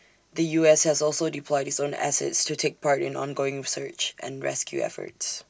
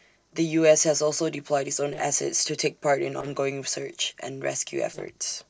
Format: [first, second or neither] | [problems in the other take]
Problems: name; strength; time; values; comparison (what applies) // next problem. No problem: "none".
first | noise reduction (neural separator model SepFormer DNS4)